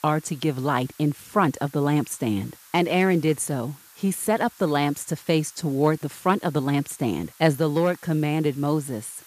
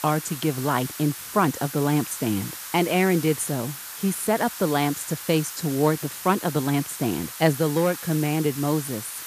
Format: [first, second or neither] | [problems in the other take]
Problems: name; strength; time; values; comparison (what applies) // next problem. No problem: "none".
first | hiss; loud; throughout; 9 dB below the speech; faint in the first